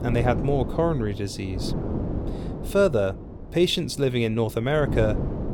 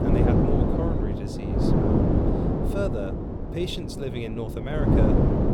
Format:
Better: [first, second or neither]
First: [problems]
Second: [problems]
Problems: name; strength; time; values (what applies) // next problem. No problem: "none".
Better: first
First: wind noise on the microphone; occasional gusts; 10 dB below the speech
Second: wind noise on the microphone; heavy; 4 dB above the speech